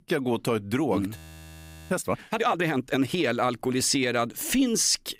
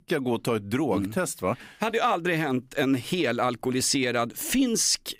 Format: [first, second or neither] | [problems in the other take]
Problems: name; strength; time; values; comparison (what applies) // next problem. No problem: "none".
second | audio freezing; at 1 s for 0.5 s